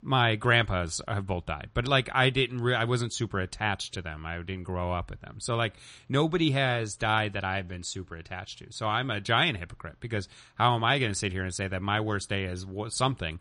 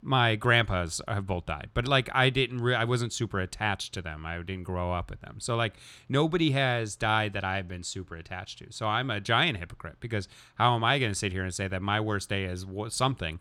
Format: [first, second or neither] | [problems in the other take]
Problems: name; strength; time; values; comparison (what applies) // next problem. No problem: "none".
second | garbled, watery; slightly; nothing above 10 kHz